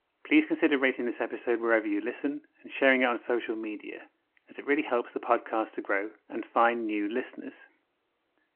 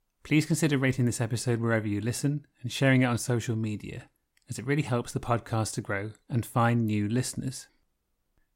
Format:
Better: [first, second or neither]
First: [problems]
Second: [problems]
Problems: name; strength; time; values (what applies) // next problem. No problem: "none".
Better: second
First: phone-call audio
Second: none